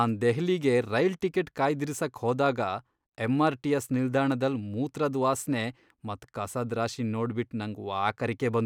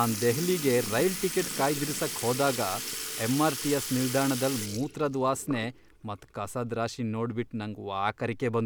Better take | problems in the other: first | background sound (Sink (filling or washing) / Liquid); 8 dB below the speech

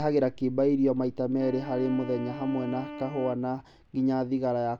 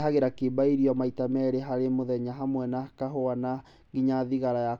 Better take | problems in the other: second | background sound (Wind instrument, woodwind instrument); 14 dB below the speech

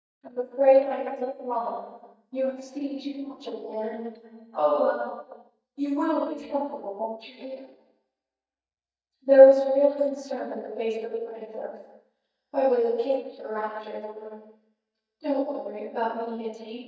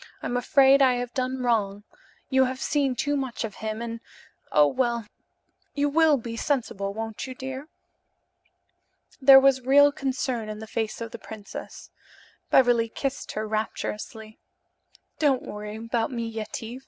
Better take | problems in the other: second | noise reduction (neural mask model DeepFilterNet 3)

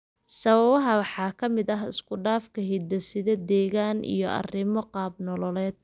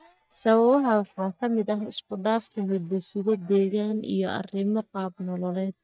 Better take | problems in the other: first | noise reduction (neural mask model DeepFilterNet 3)

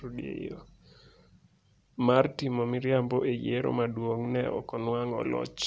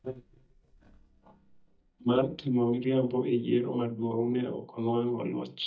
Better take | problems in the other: first | noise reduction (neural mask model DeepFilterNet 3)

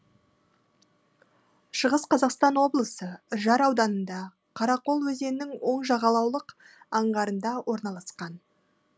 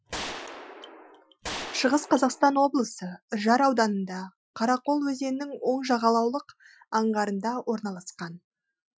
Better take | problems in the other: first | noise reduction (classical method Wiener filter)

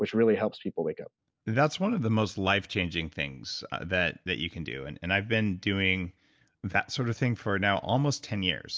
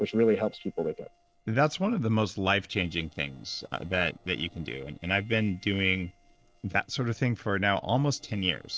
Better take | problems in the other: first | noise reduction (neural separator model SepFormer DNS4)

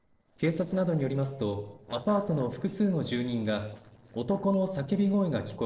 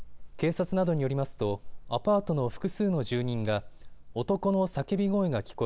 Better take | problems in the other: second | noise reduction (neural separator model SepFormer DNS4)

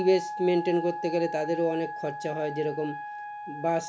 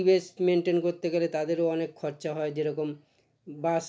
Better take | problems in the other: second | background sound (Wind instrument, woodwind instrument); 8 dB below the speech

